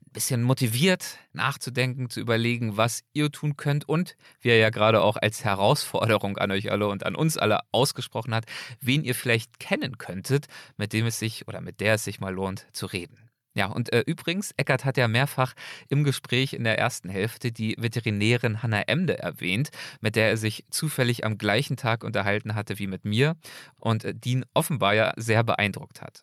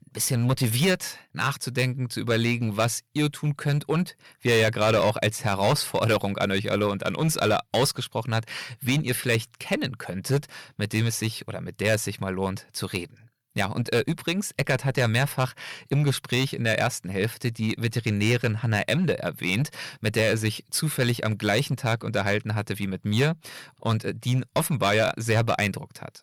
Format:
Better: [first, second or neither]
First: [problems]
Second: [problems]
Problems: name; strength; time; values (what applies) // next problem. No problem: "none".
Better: first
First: none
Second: distortion; slight; 5% of the sound clipped